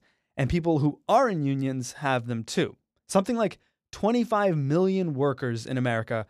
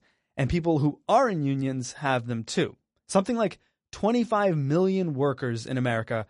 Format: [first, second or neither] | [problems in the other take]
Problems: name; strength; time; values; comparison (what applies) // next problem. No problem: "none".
first | garbled, watery; slightly; nothing above 10.5 kHz